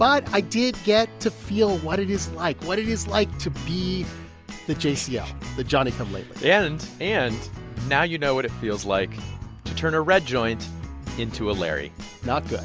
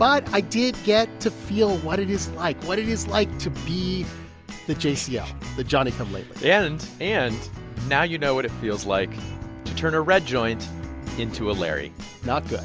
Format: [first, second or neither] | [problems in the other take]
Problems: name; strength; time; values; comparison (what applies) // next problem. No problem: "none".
first | background sound (Bowed string instrument); 19 dB below the speech